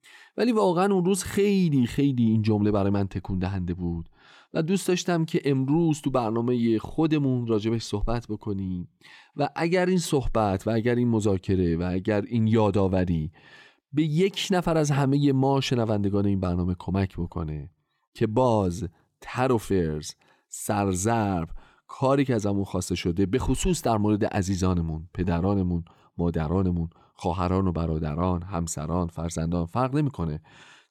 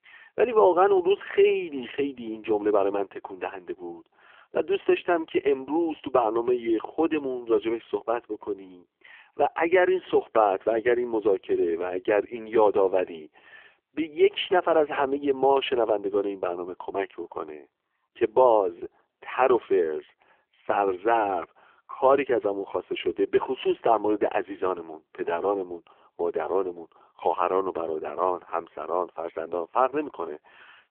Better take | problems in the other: first | phone-call audio; poor line; nothing above 3 kHz

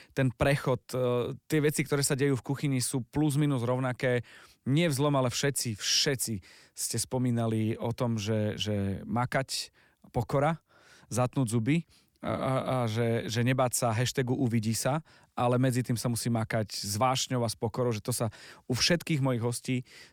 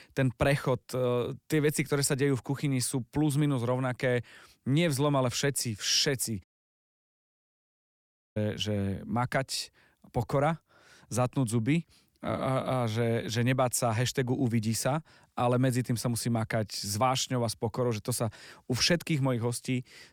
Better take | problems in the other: first | audio cutting out; at 6.5 s for 2 s

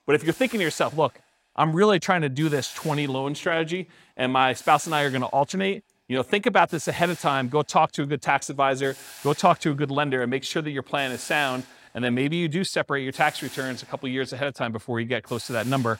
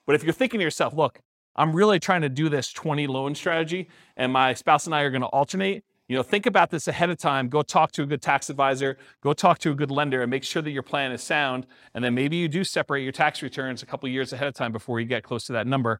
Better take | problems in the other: second | hiss; noticeable; throughout; 20 dB below the speech

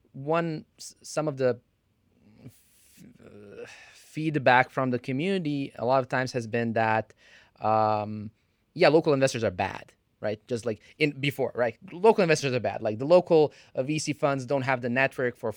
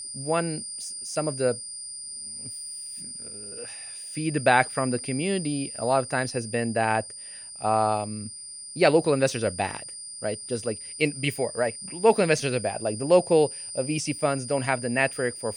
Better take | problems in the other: first | high-pitched whine; loud; throughout; 9 kHz, 10 dB below the speech

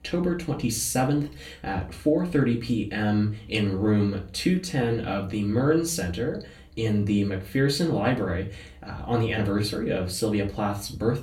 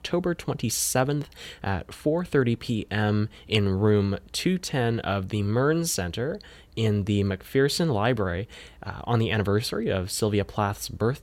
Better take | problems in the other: second | off-mic speech; far // room echo; very slight; dies away in 0.3 s

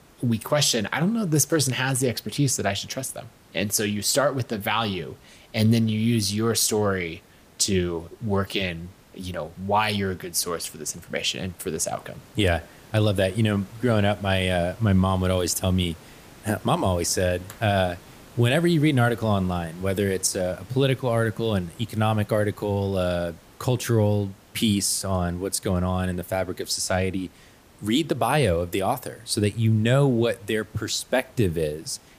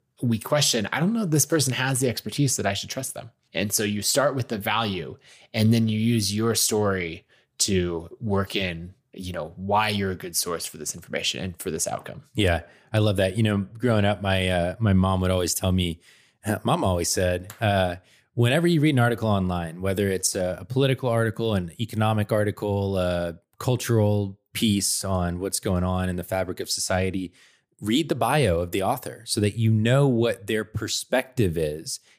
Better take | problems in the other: second | hiss; faint; throughout; 25 dB below the speech

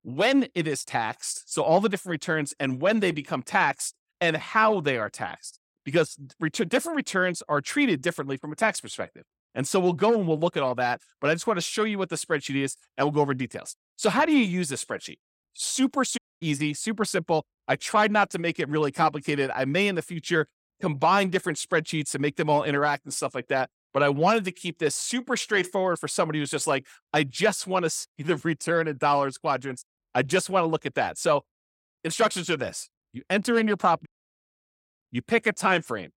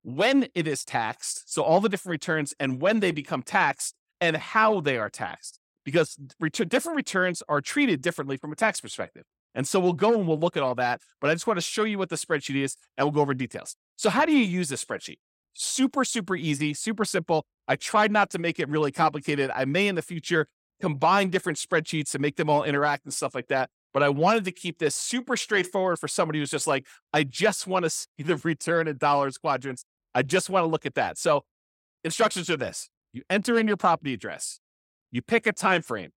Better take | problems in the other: second | audio cutting out; at 16 s and at 34 s for 0.5 s

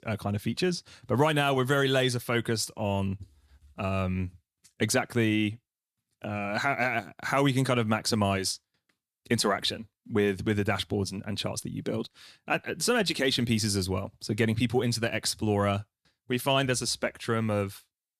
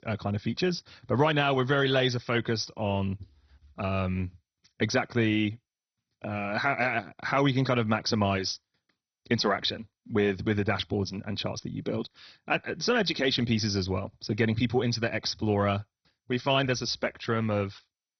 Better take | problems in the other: first | garbled, watery; badly; nothing above 6 kHz

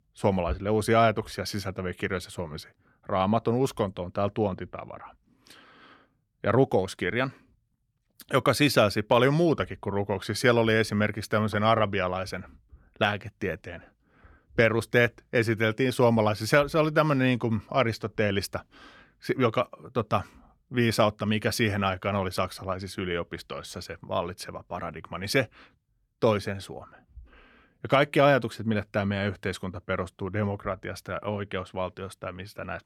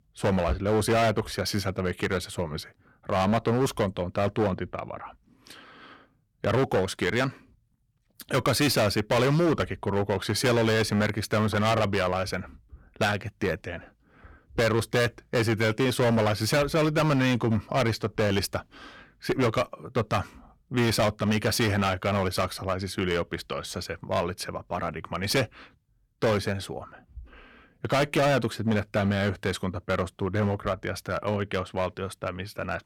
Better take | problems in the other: first | distortion; heavy; 12% of the sound clipped

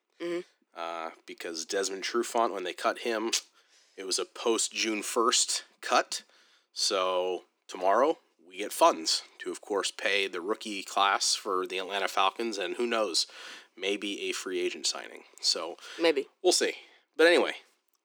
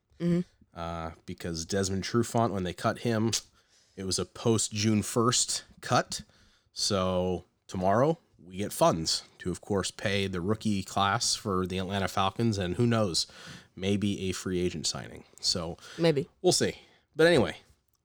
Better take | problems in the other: second | thin; very; fading below 300 Hz

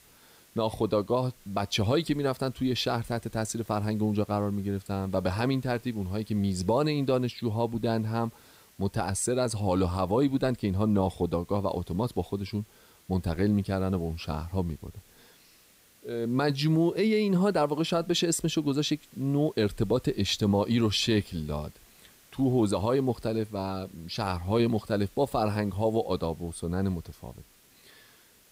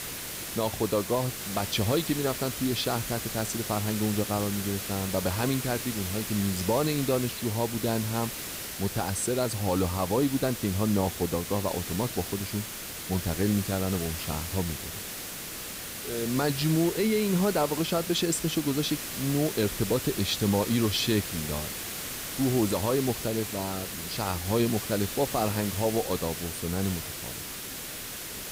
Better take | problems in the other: first | hiss; loud; throughout; 5 dB below the speech; faint in the first

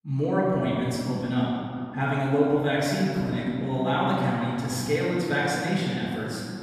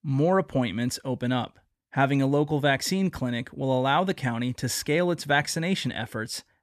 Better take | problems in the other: second | off-mic speech; far // room echo; strong; dies away in 2.8 s

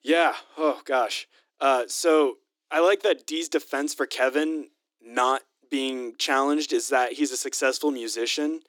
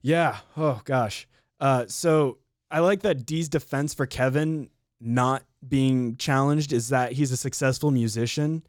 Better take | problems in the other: second | thin; somewhat; fading below 300 Hz

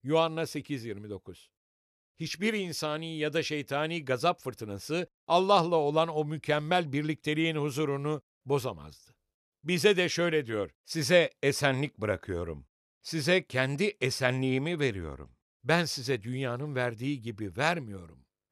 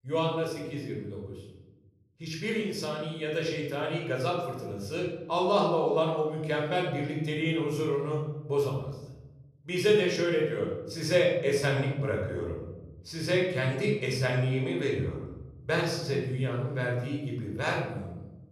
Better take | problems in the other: first | off-mic speech; somewhat distant // room echo; noticeable; dies away in 1.1 s

